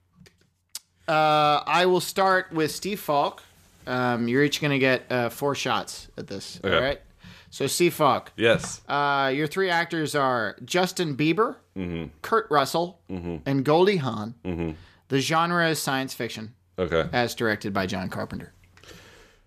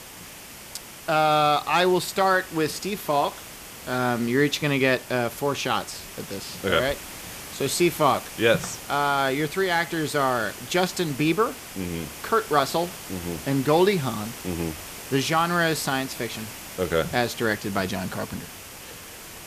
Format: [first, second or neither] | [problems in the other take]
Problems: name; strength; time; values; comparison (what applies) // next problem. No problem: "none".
first | hiss; noticeable; throughout; 15 dB below the speech